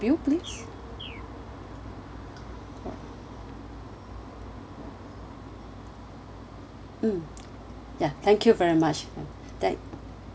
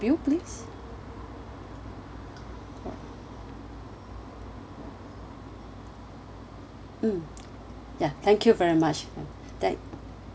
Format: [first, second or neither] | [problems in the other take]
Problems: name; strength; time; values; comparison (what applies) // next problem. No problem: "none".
second | background sound (Bird); 19 dB below the speech